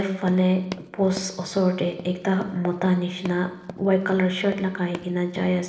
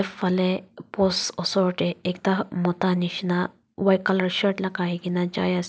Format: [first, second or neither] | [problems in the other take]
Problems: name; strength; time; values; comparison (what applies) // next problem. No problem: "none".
second | background sound (Run); 18 dB below the speech // room echo; dies away in 1 s